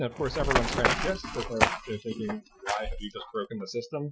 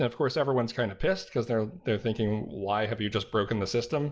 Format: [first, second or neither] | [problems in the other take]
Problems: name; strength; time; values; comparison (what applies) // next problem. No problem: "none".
second | noise reduction (classical method Wiener filter)